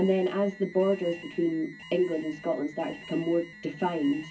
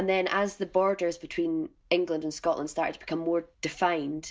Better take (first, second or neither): second